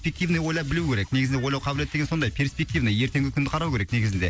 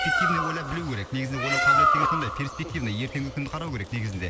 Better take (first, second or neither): first